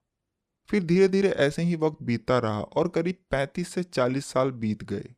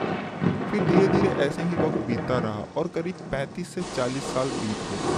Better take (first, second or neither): first